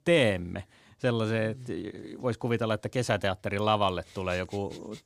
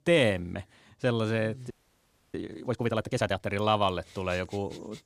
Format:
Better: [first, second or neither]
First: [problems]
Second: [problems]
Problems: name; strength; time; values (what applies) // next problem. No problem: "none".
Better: first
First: none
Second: audio freezing; at 1.5 s for 0.5 s